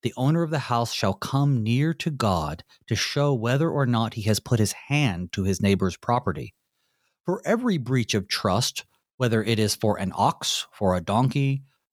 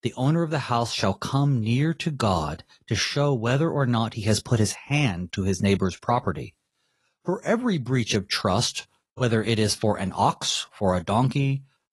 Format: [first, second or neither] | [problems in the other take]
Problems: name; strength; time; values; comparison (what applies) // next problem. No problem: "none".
first | garbled, watery; slightly; nothing above 11.5 kHz